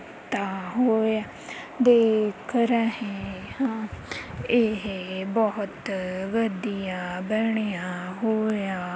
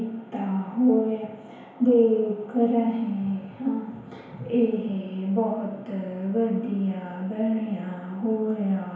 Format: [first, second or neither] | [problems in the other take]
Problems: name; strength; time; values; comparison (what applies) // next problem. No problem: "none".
first | room echo; dies away in 1 s